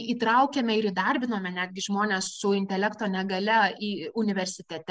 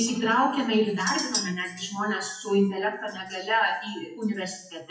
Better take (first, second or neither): first